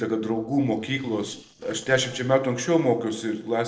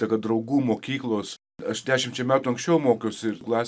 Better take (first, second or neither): second